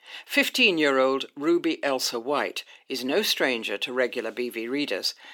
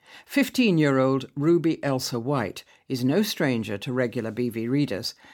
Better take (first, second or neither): second